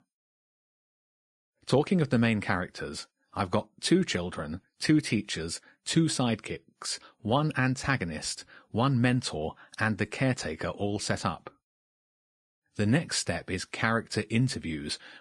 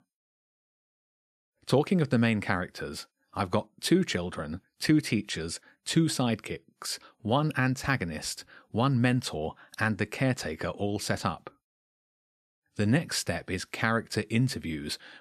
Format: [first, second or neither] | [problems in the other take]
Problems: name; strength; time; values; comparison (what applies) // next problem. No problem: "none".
second | garbled, watery; slightly